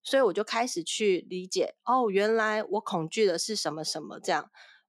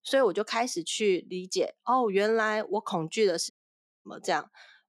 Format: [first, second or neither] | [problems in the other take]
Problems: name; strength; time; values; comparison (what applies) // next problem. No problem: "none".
first | audio cutting out; at 3.5 s for 0.5 s